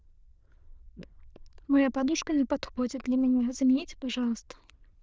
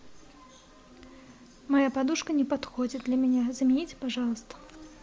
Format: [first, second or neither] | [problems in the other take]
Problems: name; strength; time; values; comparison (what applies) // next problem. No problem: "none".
second | noise reduction (neural diffusion model UNIVERSE++)